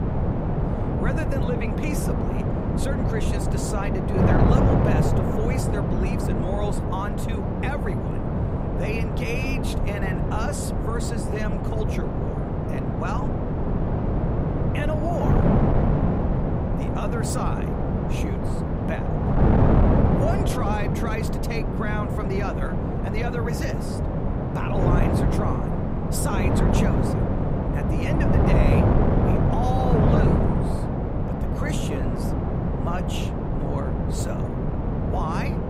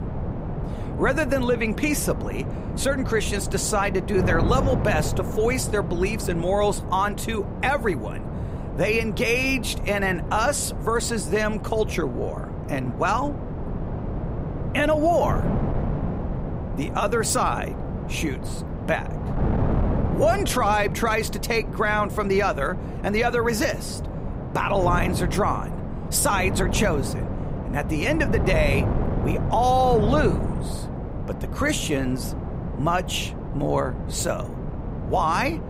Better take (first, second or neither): second